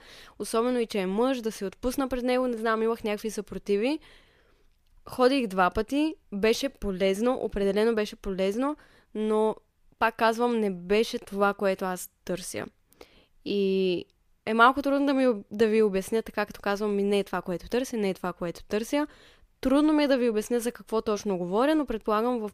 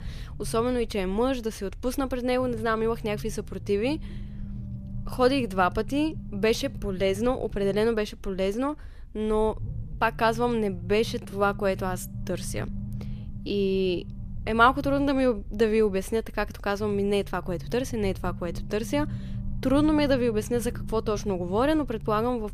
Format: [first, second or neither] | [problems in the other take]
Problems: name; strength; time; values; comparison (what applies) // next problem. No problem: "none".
first | low rumble; faint; throughout; 20 dB below the speech